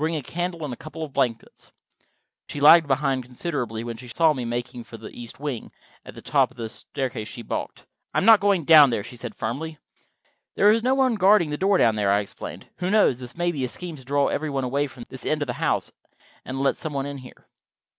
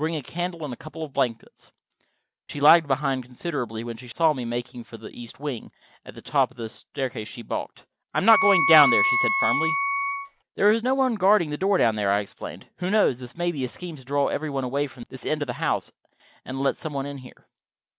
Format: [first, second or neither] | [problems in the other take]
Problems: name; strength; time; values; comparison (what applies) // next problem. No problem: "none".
first | background sound (Wind instrument, woodwind instrument); 2 dB above the speech